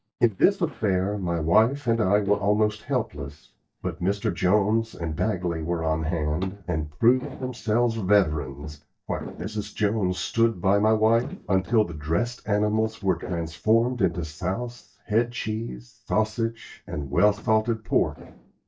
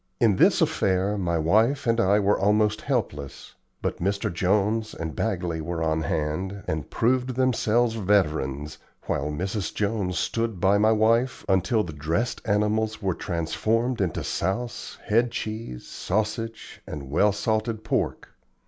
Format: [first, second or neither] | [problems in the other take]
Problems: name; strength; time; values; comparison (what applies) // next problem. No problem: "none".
second | noise reduction (neural mask model DeepFilterNet 3)